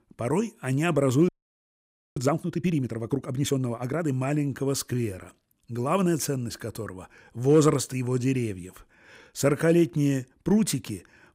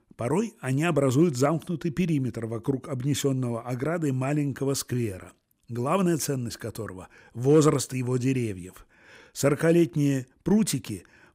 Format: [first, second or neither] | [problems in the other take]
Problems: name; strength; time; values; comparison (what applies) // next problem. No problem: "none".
second | audio freezing; at 1.5 s for 1 s